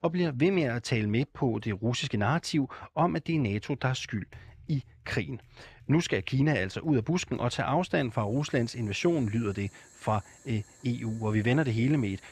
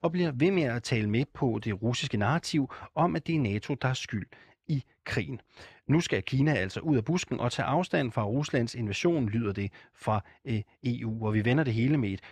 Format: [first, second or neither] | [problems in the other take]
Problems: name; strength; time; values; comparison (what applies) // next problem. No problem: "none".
second | household noises; faint; from 3.5 s on; 25 dB below the speech